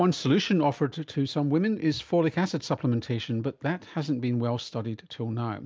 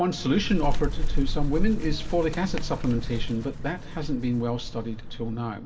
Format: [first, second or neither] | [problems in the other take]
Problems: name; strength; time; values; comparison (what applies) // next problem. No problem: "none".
first | background sound (Bird); 1 dB above the speech // room echo; dies away in 2.1 s